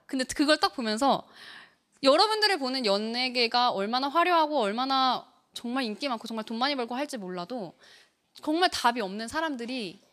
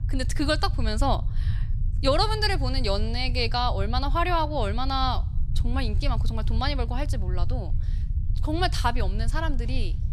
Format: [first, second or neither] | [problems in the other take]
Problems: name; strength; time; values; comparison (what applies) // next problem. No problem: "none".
first | low rumble; noticeable; throughout; 20 dB below the speech